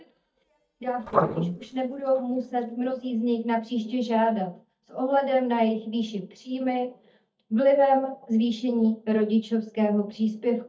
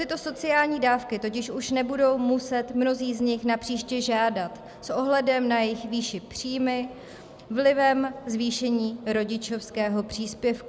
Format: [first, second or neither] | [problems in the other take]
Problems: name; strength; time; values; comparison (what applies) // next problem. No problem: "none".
second | noise reduction (neural mask model DeepFilterNet 3)